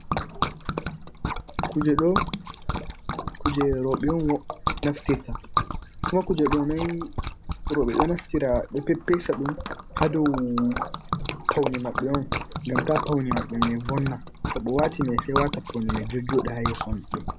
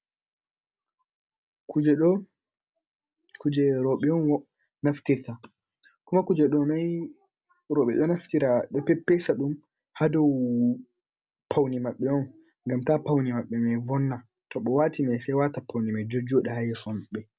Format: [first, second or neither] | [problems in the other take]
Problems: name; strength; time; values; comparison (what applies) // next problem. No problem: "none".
second | background sound (Liquid); 3 dB below the speech